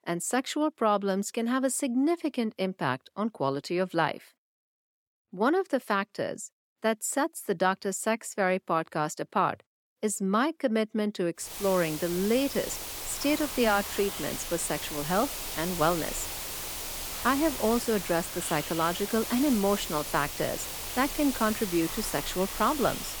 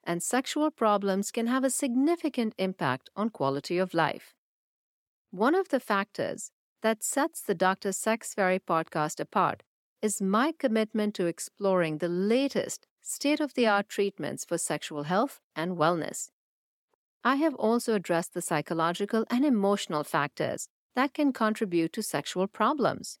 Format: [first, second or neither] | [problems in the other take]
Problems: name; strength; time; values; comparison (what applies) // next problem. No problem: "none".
second | hiss; loud; from 11 s on; 6 dB below the speech